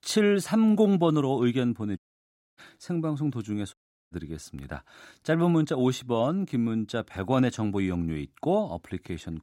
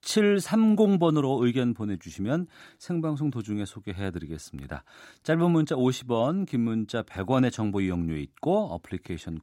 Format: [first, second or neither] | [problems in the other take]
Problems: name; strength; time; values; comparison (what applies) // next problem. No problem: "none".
second | audio cutting out; at 2 s for 0.5 s and at 3.5 s